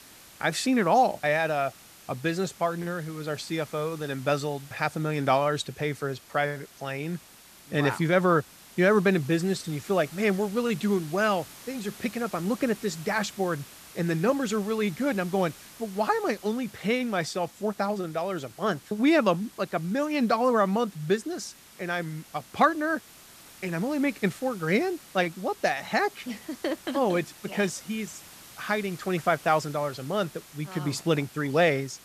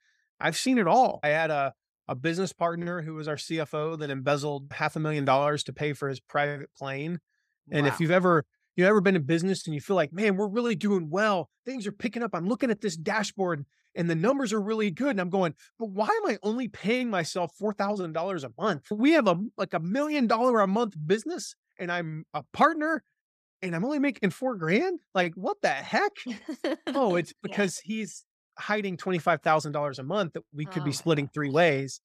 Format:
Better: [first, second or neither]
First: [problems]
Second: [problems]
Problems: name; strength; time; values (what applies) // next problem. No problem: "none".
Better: second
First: hiss; noticeable; throughout; 20 dB below the speech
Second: none